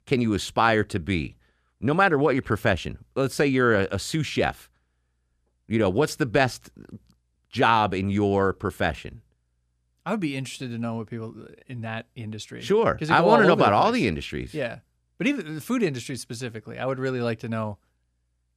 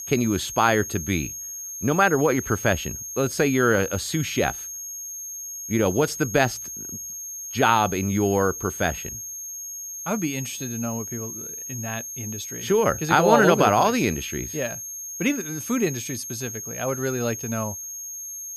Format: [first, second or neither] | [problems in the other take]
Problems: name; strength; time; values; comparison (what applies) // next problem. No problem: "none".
first | high-pitched whine; loud; throughout; 6.5 kHz, 9 dB below the speech